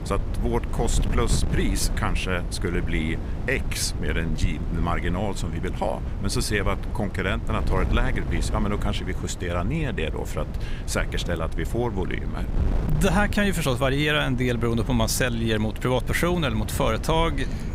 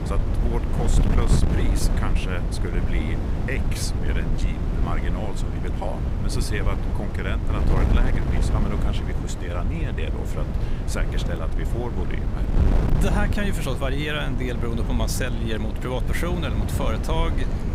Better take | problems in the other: first | wind noise on the microphone; heavy; 3 dB below the speech; occasional gusts in the first

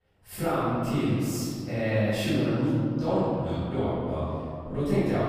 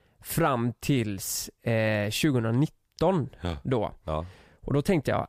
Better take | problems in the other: second | off-mic speech; far // room echo; strong; dies away in 2.4 s

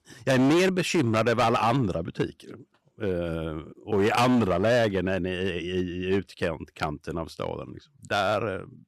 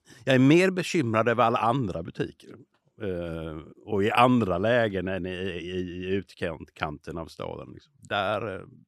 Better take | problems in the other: second | distortion; heavy; 8% of the sound clipped

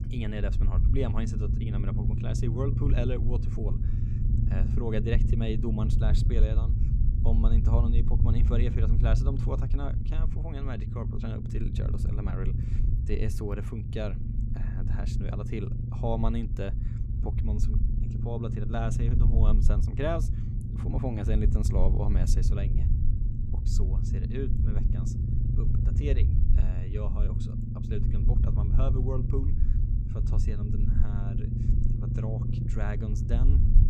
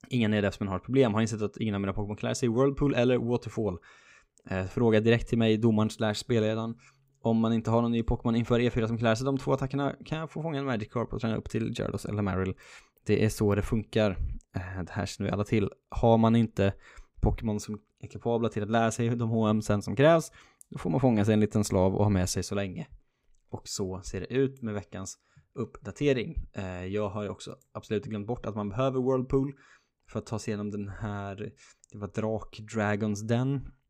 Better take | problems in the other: second | low rumble; loud; throughout; 4 dB below the speech

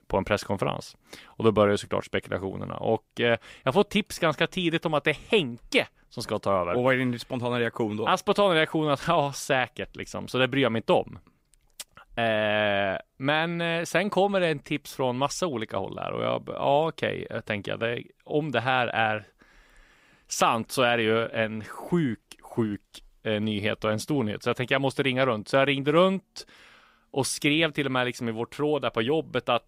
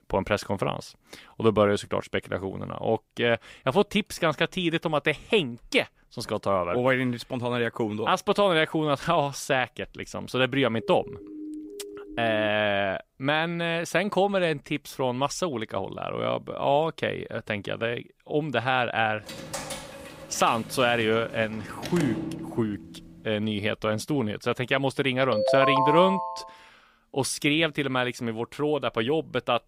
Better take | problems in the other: first | siren; faint; from 11 to 12 s; peak 10 dB below the speech // door banging; noticeable; from 19 to 23 s; peak 4 dB below the speech // phone ringing; loud; from 25 to 26 s; peak 4 dB above the speech

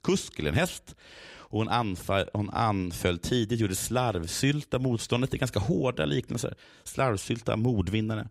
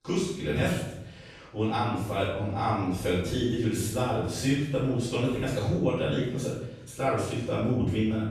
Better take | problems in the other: first | off-mic speech; far // room echo; noticeable; dies away in 0.8 s

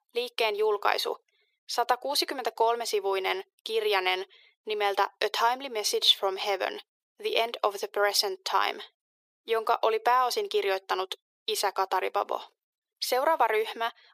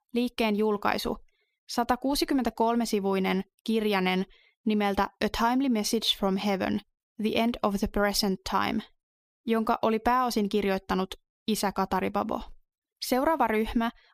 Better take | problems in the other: second | thin; very; fading below 400 Hz

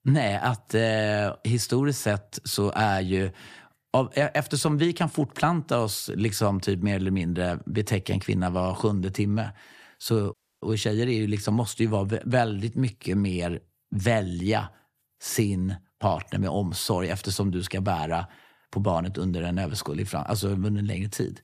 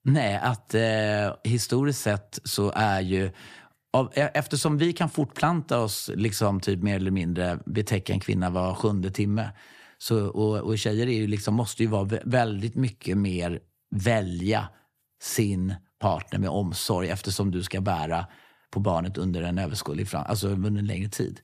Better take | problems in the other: second | audio cutting out; at 10 s

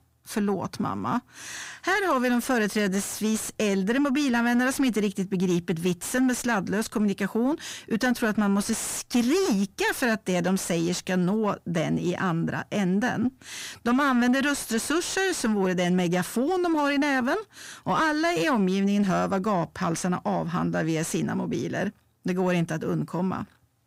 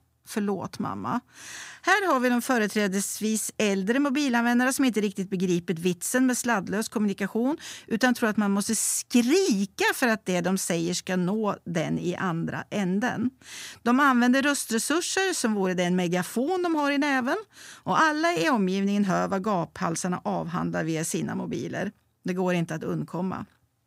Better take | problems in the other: second | distortion; slight; 10 dB below the speech

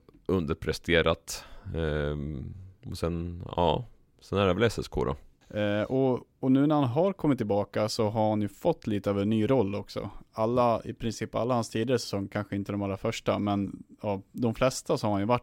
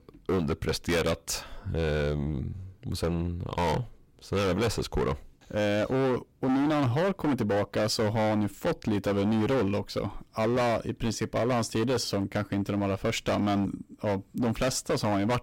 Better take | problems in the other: first | distortion; heavy; 19% of the sound clipped

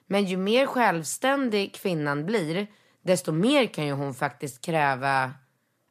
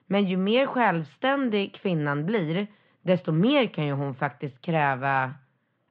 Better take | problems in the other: first | muffled; very; fading above 3.5 kHz

